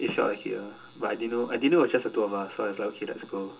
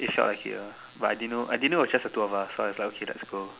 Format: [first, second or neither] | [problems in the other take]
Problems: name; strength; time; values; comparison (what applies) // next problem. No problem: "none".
second | room echo; dies away in 0.2 s